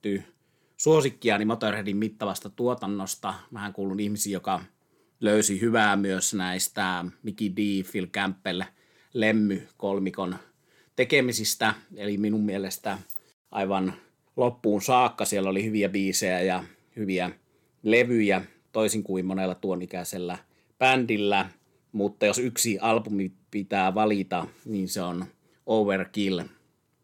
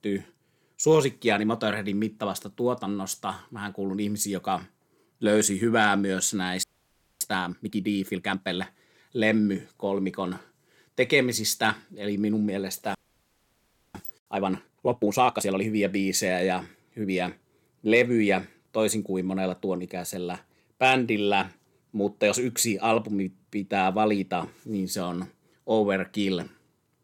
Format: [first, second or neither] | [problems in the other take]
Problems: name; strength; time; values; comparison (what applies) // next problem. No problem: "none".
first | audio freezing; at 6.5 s for 0.5 s and at 13 s for 1 s